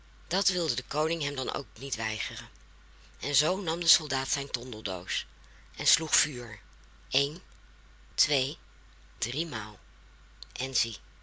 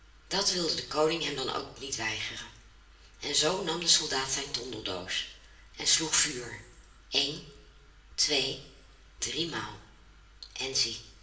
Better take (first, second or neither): first